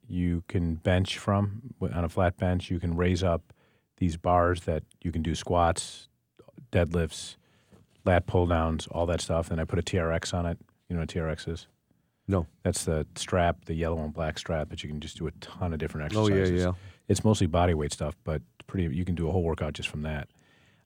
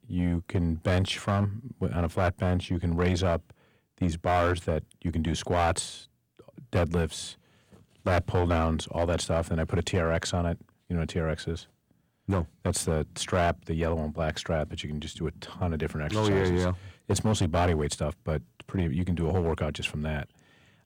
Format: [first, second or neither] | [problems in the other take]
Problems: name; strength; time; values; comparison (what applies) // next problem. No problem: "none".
first | distortion; slight; 4% of the sound clipped